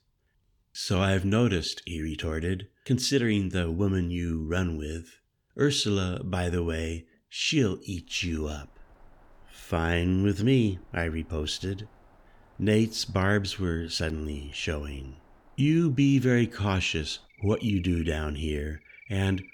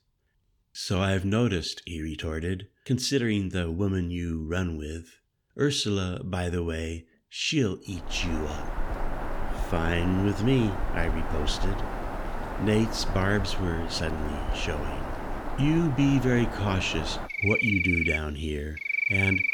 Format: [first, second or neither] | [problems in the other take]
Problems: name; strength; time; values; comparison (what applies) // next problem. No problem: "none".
first | animal sounds; loud; from 8 s on; 3 dB below the speech; faint in the first